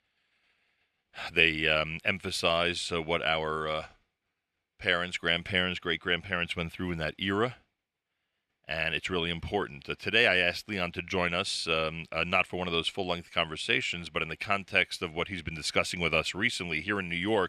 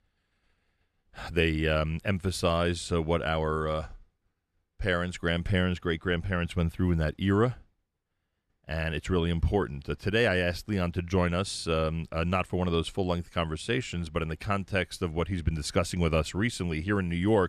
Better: second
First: thin; somewhat; fading below 550 Hz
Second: none

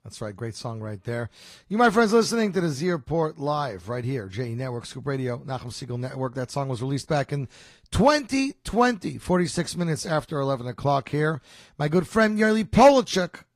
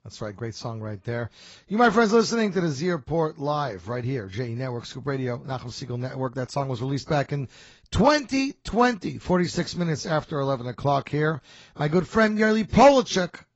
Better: first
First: garbled, watery; slightly; nothing above 14.5 kHz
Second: garbled, watery; badly; nothing above 7.5 kHz

